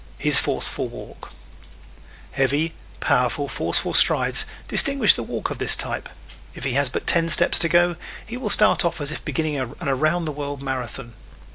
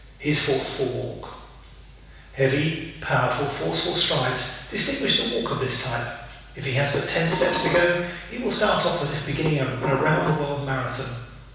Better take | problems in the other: first | background sound (Dishes, pots, and pans); 5 dB below the speech // room echo; dies away in 1.1 s

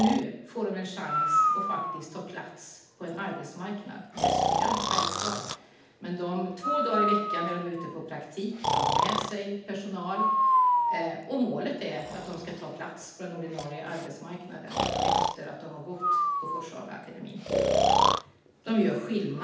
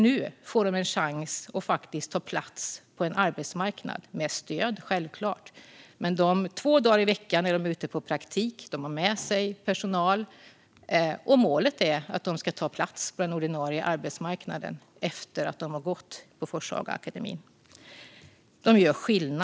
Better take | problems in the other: second | background sound (Breathing); 4 dB above the speech // room echo; dies away in 0.8 s

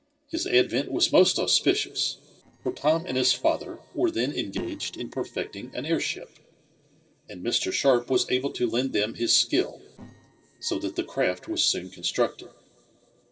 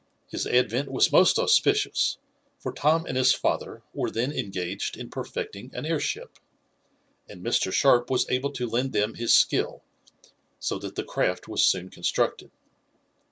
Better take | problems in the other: second | noise reduction (neural separator model SepFormer DNS4)

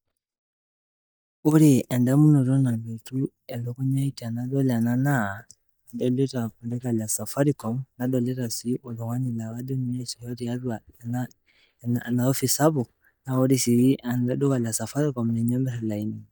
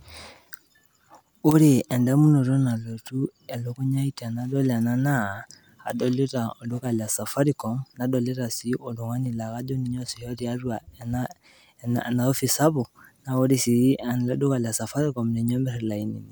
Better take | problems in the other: second | noise reduction (neural mask model DeepFilterNet 3)

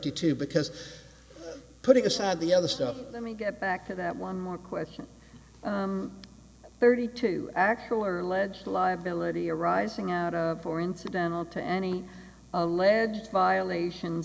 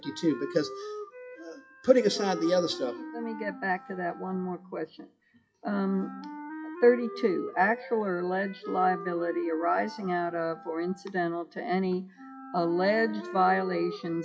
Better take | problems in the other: first | noise reduction (classical method WPE with log-MMSE)

